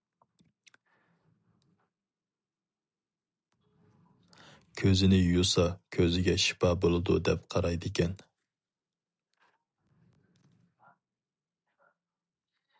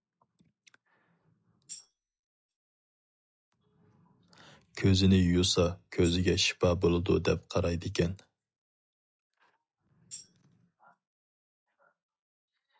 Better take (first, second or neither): first